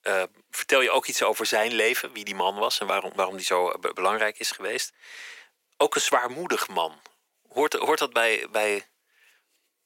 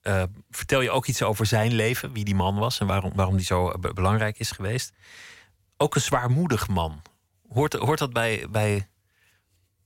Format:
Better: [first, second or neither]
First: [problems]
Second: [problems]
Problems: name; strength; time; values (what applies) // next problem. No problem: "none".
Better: second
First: thin; very; fading below 350 Hz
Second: none